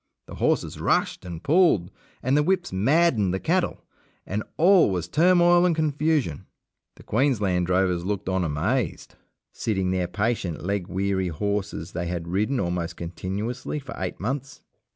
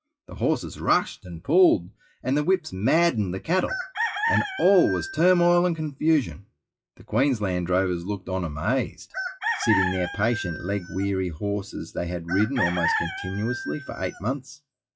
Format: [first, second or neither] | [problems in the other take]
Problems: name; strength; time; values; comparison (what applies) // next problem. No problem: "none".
first | noise reduction (classical method WPE with log-MMSE)